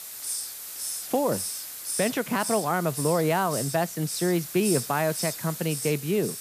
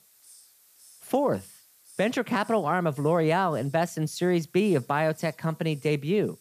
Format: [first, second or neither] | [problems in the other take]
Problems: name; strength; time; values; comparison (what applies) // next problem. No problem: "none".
second | hiss; loud; throughout; 5 dB below the speech; faint in the second